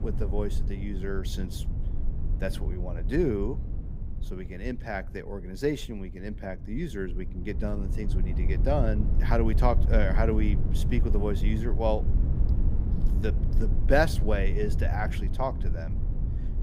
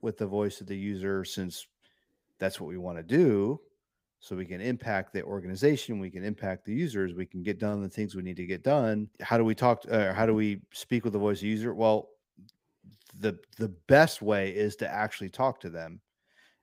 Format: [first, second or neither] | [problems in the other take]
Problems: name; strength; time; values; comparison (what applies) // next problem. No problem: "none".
second | low rumble; noticeable; throughout; 10 dB below the speech